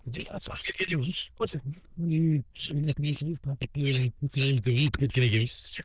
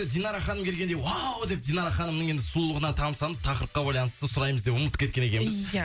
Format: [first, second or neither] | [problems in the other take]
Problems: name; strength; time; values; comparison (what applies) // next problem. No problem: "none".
second | noise reduction (neural diffusion model UNIVERSE++)